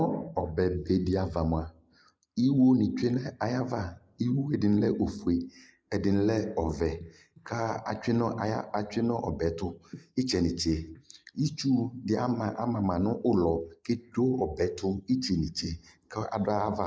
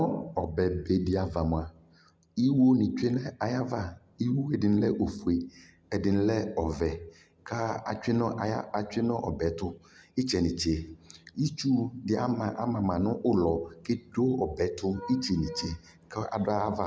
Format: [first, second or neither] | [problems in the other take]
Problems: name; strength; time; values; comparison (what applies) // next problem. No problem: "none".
second | noise reduction (neural mask model Resemble Enhance denoiser)